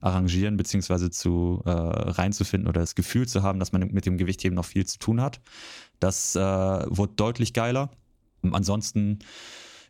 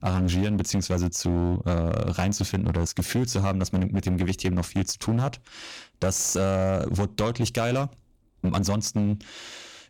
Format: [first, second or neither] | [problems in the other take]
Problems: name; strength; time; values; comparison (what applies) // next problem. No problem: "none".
first | distortion; slight; 15% of the sound clipped